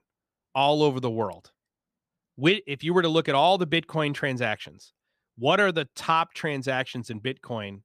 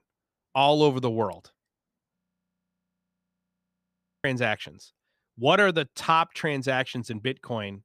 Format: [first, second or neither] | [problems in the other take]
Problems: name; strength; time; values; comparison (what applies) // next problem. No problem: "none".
first | audio freezing; at 2 s for 2 s